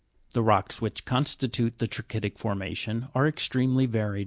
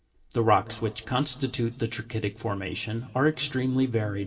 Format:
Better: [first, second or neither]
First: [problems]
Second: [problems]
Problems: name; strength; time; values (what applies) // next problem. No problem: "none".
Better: first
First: none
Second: room echo; dies away in 1.4 s